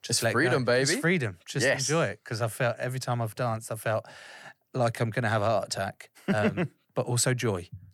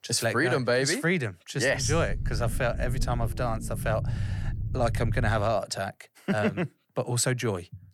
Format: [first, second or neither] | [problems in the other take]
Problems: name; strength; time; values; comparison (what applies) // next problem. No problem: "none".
first | low rumble; noticeable; from 2 to 5.5 s; 20 dB below the speech